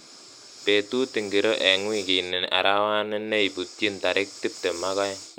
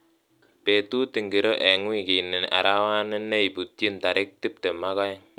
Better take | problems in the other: second | background sound (Breathing); 17 dB below the speech

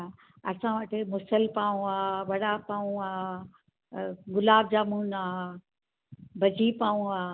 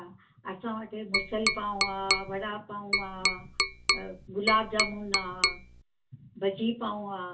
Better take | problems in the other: first | background sound (Tap); 4 dB above the speech // room echo; dies away in 0.2 s

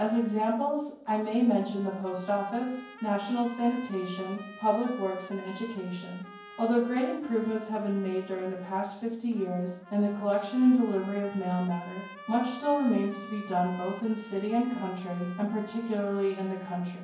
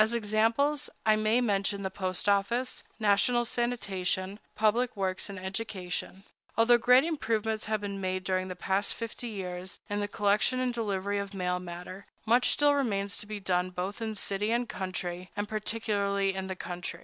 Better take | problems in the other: second | background sound (Trumpet); 19 dB below the speech // room echo; dies away in 0.9 s

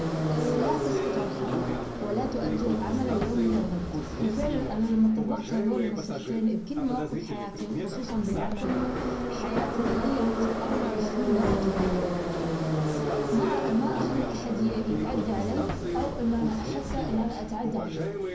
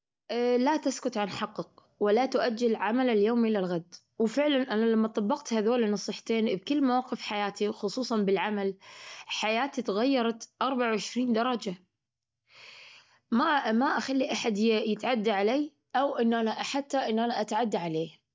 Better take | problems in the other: second | background sound (Subway, metro, underground); 1 dB above the speech // room echo; dies away in 0.5 s

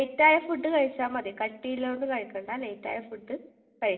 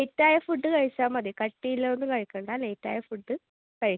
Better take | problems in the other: second | room echo; dies away in 1.4 s

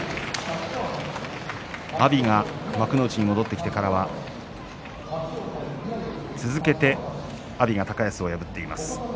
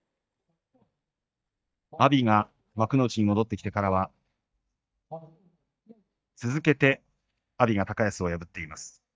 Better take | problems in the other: first | noise reduction (neural mask model DeepFilterNet 3)

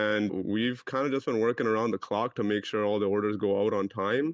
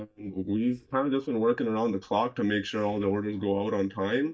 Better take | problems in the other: first | noise reduction (neural mask model DeepFilterNet 3)

